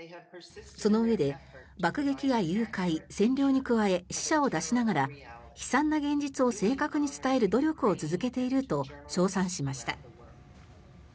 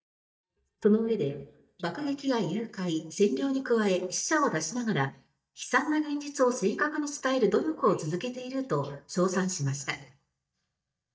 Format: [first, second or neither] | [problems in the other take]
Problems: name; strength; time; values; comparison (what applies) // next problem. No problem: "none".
first | noise reduction (neural mask model DeepFilterNet 3)